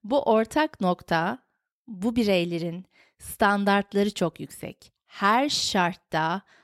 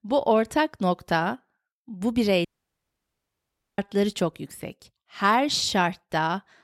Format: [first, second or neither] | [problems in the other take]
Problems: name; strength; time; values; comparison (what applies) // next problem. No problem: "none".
first | audio cutting out; at 2.5 s for 1.5 s